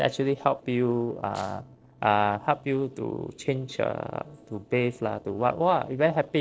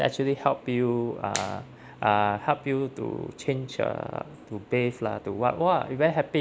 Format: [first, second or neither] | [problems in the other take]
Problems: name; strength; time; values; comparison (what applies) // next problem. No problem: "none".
second | noise reduction (neural separator model SepFormer DNS4)